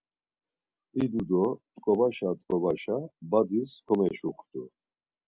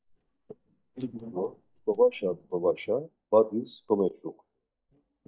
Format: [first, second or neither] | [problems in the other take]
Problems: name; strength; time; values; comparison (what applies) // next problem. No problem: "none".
first | noise reduction (neural mask model DeepFilterNet 3)